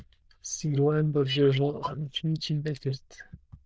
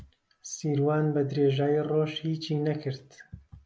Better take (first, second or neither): second